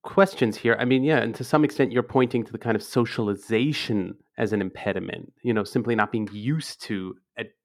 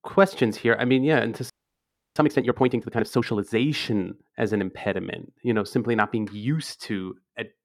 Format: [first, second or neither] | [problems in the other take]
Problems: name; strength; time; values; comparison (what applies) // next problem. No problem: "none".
first | audio freezing; at 1.5 s for 0.5 s